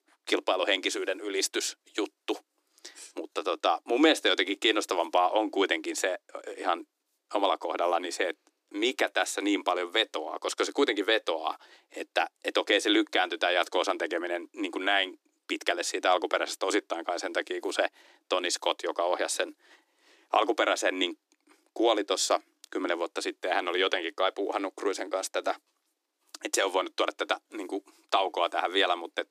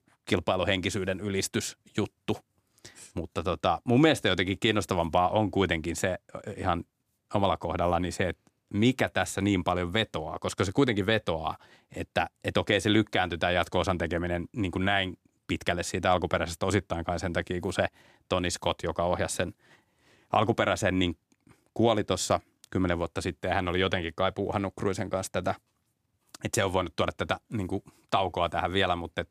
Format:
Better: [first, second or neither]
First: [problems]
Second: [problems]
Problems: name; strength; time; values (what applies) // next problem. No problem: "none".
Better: second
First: thin; somewhat; fading below 300 Hz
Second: none